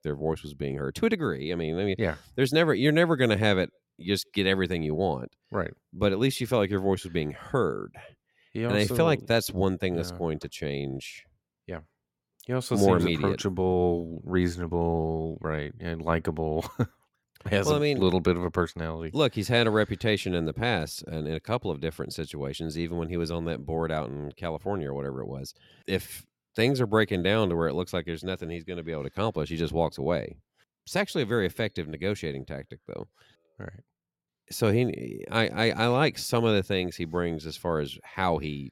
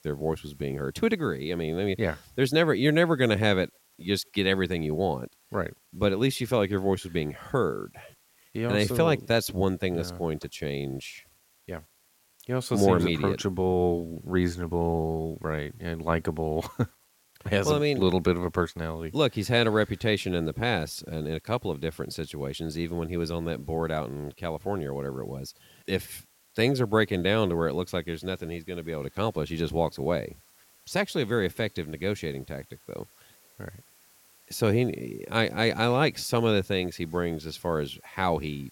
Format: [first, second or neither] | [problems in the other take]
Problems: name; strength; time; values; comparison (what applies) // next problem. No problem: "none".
first | hiss; faint; throughout; 30 dB below the speech